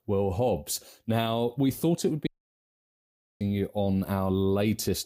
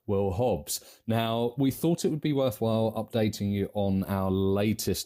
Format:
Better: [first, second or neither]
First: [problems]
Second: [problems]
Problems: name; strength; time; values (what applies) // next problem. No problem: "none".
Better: second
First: audio cutting out; at 2.5 s for 1 s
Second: none